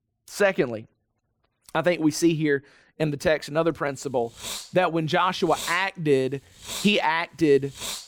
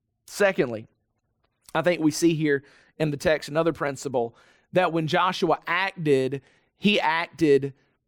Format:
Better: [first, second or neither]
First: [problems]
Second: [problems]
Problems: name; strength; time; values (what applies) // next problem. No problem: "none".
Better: second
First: hiss; noticeable; from 3.5 s on; 10 dB below the speech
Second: none